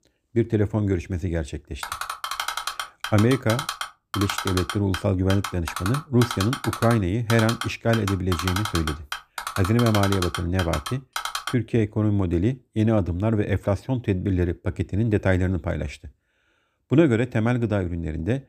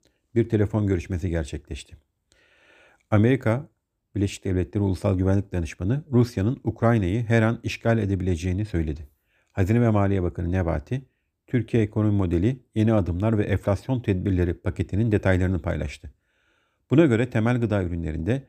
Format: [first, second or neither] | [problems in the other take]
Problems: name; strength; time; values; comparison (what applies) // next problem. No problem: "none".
second | keyboard typing; noticeable; from 2 to 12 s; peak 3 dB below the speech